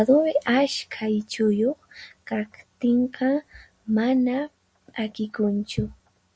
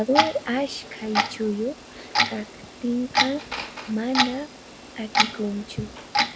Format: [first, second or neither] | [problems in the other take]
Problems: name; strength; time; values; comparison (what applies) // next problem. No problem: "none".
first | background sound (Clock); 1 dB above the speech